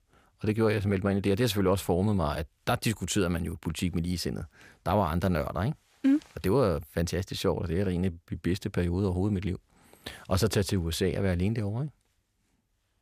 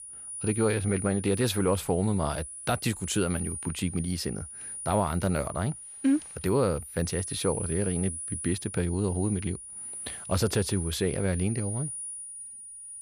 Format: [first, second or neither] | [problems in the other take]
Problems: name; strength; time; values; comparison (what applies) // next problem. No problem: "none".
first | high-pitched whine; loud; throughout; 10 kHz, 8 dB below the speech